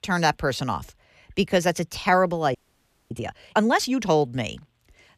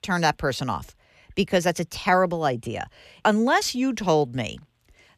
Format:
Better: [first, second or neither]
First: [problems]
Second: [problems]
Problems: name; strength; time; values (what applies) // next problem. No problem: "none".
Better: second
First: audio freezing; at 2.5 s for 0.5 s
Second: none